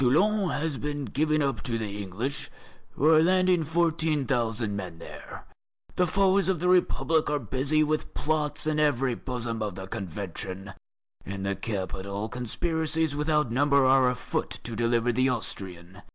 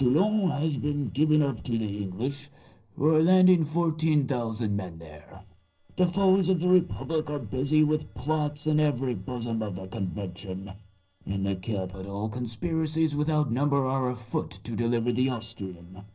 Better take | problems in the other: first | noise reduction (neural separator model SepFormer DNS4)

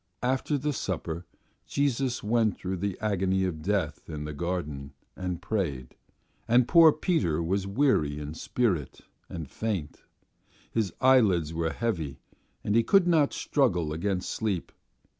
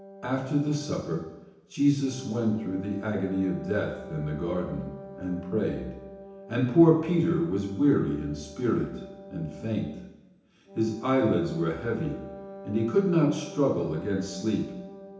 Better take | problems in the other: first | background sound (Wind instrument, woodwind instrument); 16 dB below the speech // room echo; dies away in 0.9 s

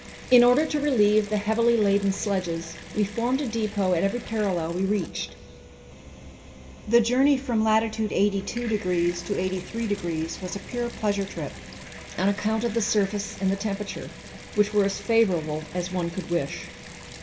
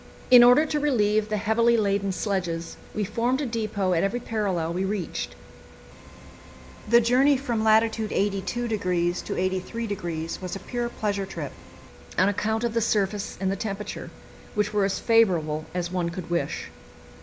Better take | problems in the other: second | background sound (Bathtub (filling or washing) / Water tap, faucet); 18 dB below the speech // room echo; dies away in 1.3 s

